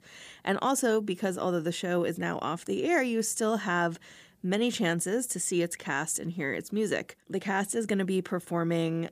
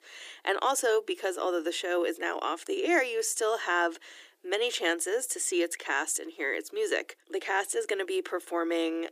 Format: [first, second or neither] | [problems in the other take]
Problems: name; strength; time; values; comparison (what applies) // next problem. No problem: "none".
first | thin; very; fading below 300 Hz